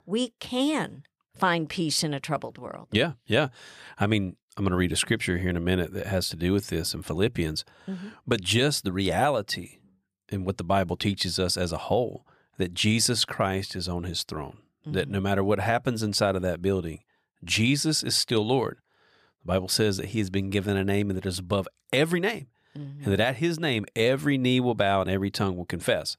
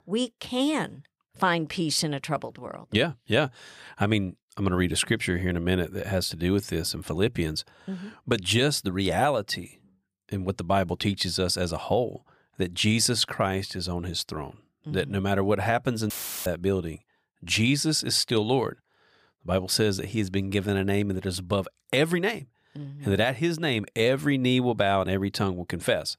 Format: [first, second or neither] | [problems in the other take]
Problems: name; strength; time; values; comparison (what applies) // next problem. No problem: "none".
first | audio cutting out; filled with static; at 16 s